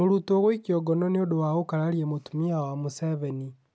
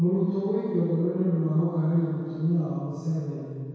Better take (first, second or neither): first